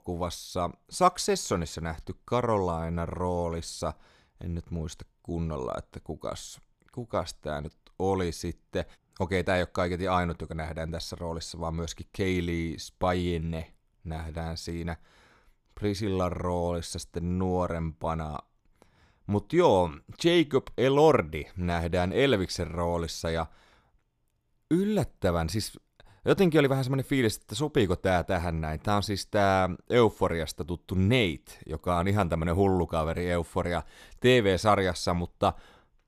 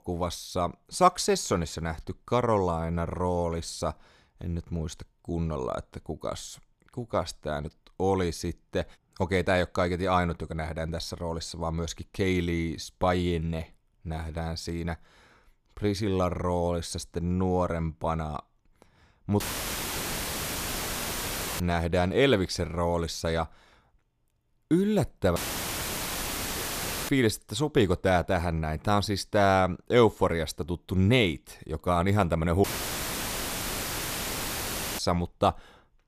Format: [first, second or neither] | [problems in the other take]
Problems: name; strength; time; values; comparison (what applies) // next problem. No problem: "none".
first | audio cutting out; filled with static; at 19 s for 2 s, at 25 s for 1.5 s and at 33 s for 2.5 s